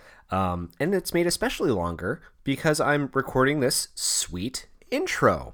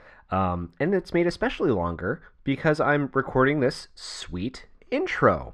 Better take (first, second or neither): first